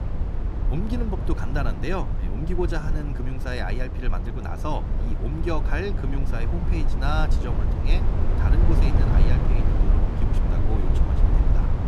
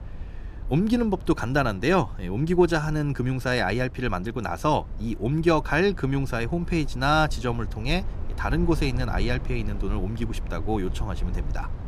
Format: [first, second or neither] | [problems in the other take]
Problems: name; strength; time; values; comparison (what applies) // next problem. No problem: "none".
second | low rumble; loud; throughout; 3 dB below the speech; faint in the second